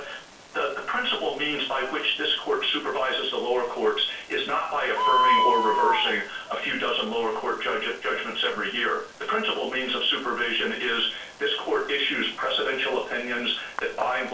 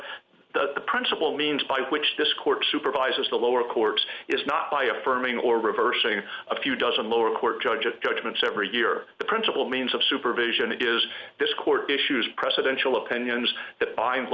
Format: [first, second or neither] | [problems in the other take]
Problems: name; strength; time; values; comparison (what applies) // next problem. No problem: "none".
second | background sound (Bird); 5 dB below the speech // room echo; dies away in 0.2 s